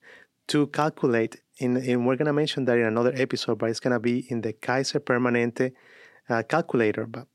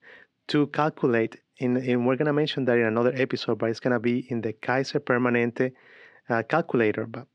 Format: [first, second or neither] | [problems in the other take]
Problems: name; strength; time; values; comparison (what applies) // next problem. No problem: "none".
first | muffled; very slightly; fading above 3 kHz